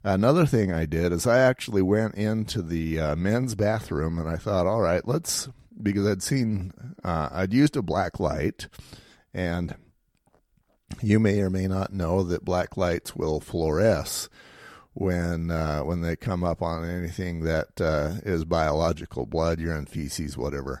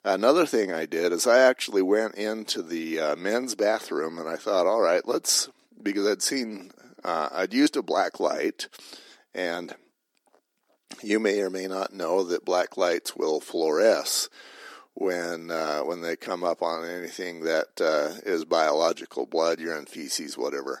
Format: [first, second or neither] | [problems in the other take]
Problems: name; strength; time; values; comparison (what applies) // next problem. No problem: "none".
first | thin; somewhat; fading below 300 Hz